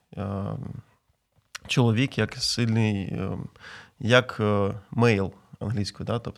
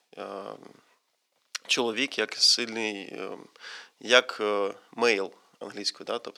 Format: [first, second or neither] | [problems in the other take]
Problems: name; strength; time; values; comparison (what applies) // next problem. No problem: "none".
first | thin; somewhat; fading below 350 Hz